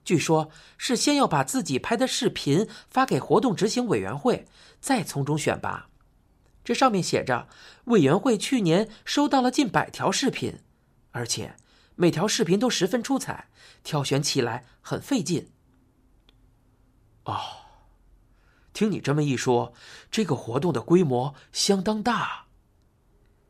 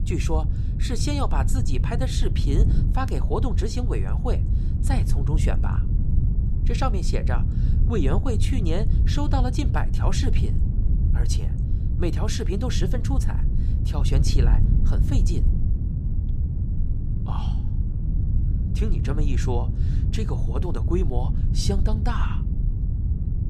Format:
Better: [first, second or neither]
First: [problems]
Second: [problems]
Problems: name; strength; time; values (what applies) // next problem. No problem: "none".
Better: first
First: none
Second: wind noise on the microphone; heavy; 6 dB below the speech